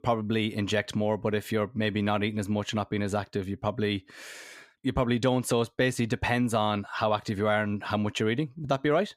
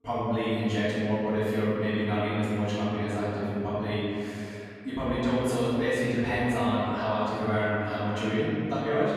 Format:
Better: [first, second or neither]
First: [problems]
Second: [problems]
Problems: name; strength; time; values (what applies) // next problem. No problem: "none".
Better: first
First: none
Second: off-mic speech; far // room echo; strong; dies away in 2.5 s